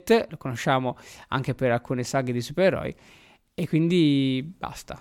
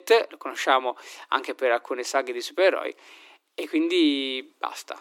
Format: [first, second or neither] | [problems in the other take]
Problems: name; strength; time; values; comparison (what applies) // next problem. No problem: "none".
first | thin; somewhat; fading below 300 Hz